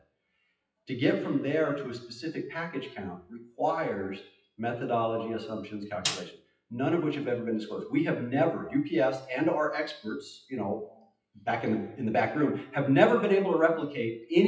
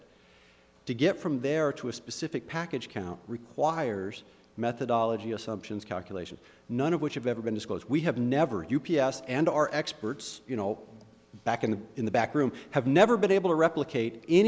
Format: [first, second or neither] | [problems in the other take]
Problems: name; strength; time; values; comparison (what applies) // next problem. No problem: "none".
second | noise reduction (classical method WPE with log-MMSE)